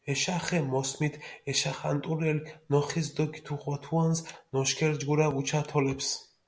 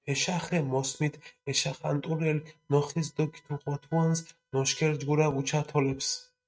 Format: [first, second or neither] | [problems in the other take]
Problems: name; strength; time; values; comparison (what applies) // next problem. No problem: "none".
first | noise reduction (neural mask model RNNoise)